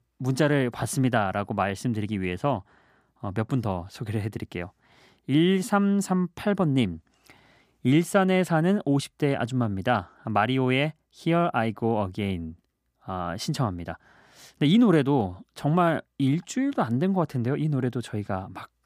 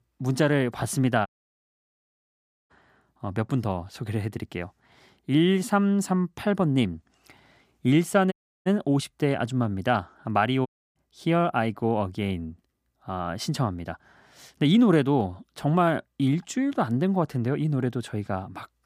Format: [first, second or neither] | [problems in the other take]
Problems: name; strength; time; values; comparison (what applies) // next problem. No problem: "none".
first | audio cutting out; at 1.5 s for 1.5 s, at 8.5 s and at 11 s